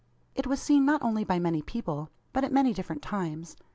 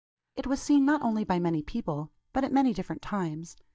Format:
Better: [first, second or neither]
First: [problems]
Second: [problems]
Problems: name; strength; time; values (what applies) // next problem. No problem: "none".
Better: first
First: none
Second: noise reduction (neural mask model DeepFilterNet 3)